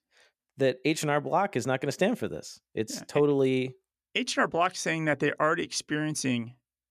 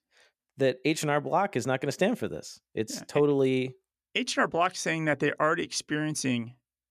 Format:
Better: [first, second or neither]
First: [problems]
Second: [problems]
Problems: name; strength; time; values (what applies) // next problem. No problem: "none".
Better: neither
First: none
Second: none